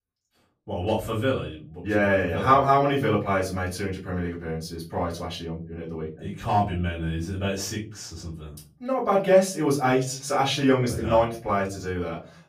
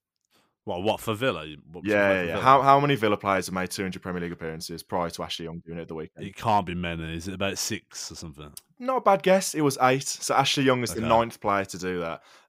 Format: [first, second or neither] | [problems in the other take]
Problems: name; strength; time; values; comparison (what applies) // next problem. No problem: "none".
second | off-mic speech; far // room echo; slight; dies away in 0.5 s